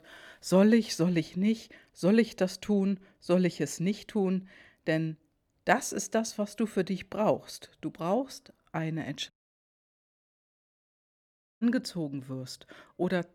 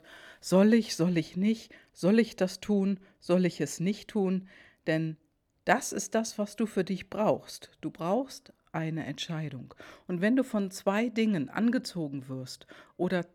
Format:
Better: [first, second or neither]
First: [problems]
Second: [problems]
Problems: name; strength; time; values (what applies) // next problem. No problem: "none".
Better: second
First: audio cutting out; at 9.5 s for 2.5 s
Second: none